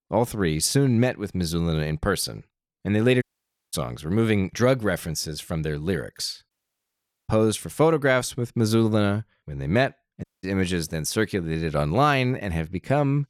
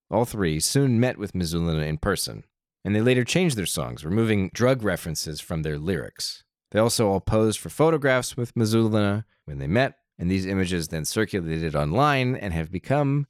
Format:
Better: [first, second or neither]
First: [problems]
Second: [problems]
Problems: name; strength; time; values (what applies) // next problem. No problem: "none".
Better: second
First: audio cutting out; at 3 s for 0.5 s, at 6.5 s for 1 s and at 10 s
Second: none